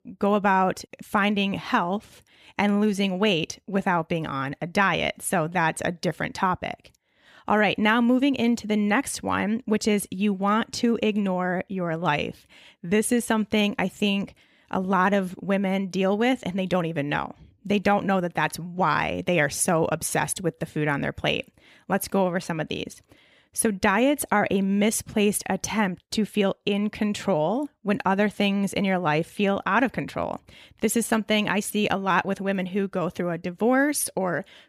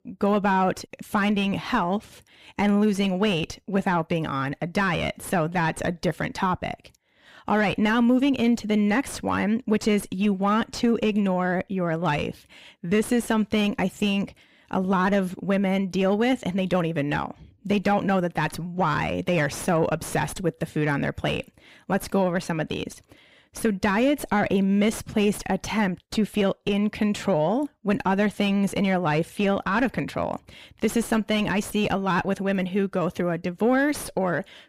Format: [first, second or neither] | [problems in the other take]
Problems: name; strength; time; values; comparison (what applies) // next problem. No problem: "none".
first | distortion; slight; 10 dB below the speech